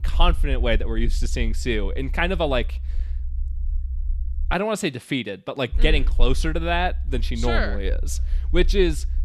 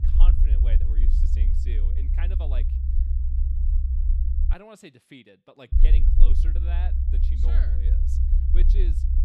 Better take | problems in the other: first | low rumble; loud; until 4.5 s and from 5.5 s on; as loud as the speech; faint in the first

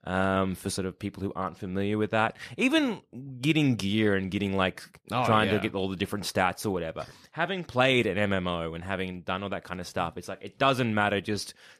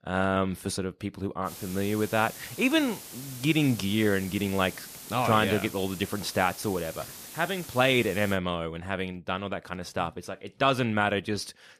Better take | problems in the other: first | hiss; noticeable; from 1.5 to 8.5 s; 15 dB below the speech

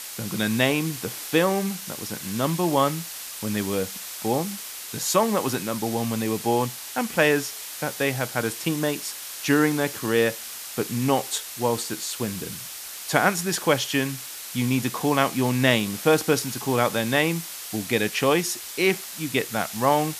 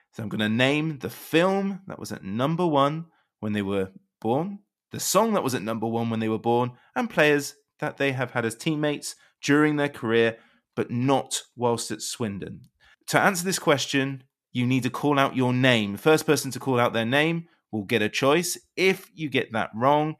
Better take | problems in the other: second | hiss; loud; throughout; 9 dB below the speech

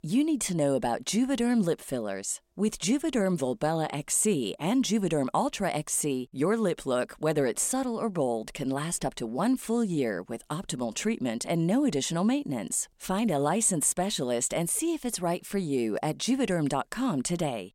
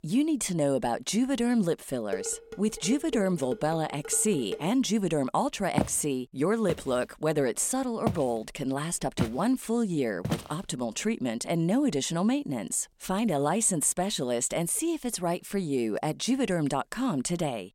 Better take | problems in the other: first | clattering dishes; noticeable; from 2 to 4.5 s; peak 9 dB below the speech // footsteps; noticeable; from 6 to 10 s; peak 3 dB below the speech

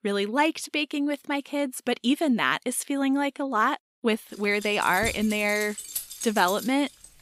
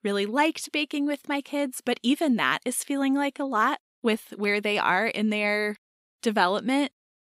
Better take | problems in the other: second | jangling keys; noticeable; from 4.5 s on; peak 6 dB below the speech

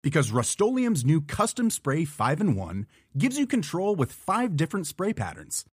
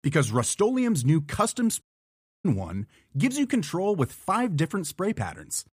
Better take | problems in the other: first | audio cutting out; at 2 s for 0.5 s

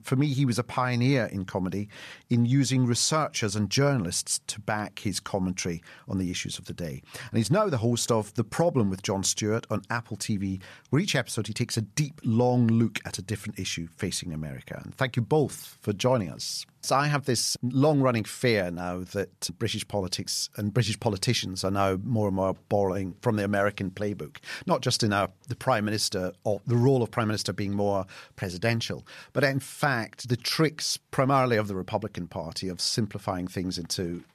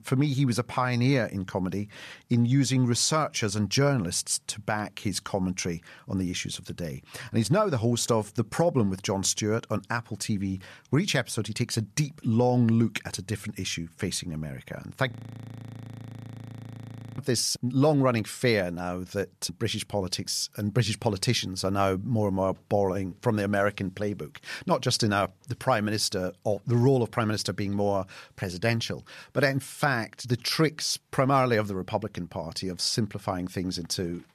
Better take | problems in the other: first | audio freezing; at 15 s for 2 s

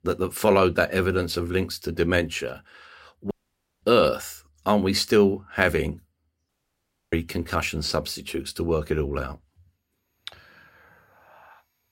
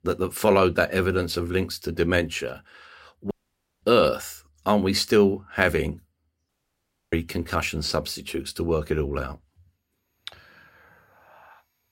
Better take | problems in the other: neither | audio cutting out; at 3.5 s for 0.5 s and at 6.5 s for 0.5 s; the same in both

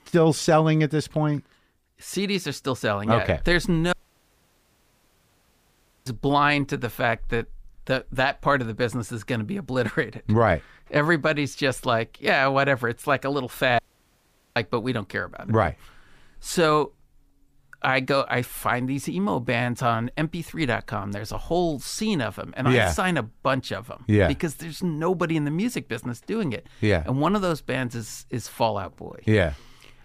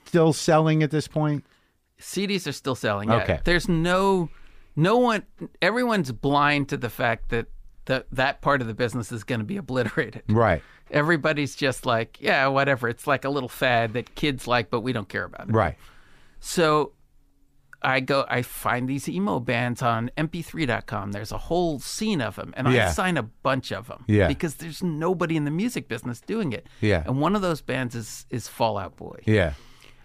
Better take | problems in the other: second | audio cutting out; at 4 s for 2 s and at 14 s for 1 s

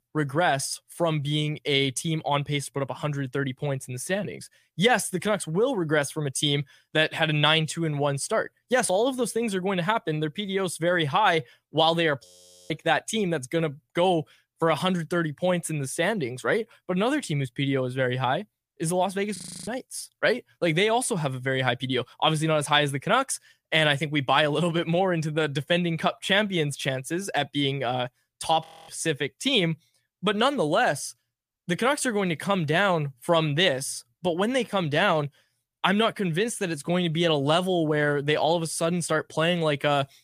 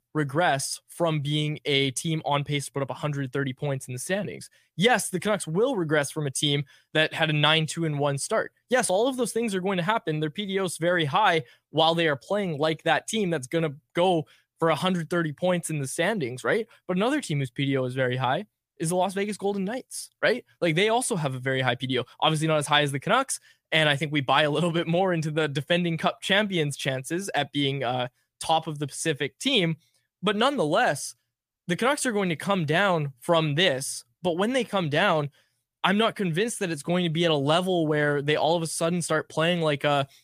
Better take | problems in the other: second | audio freezing; at 12 s, at 19 s and at 29 s

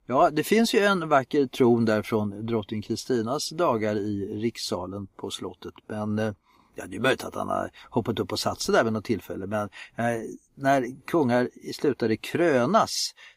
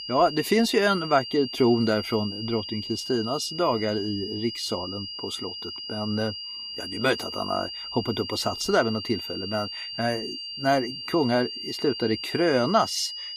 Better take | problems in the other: first | high-pitched whine; loud; throughout; 4.5 kHz, 7 dB below the speech

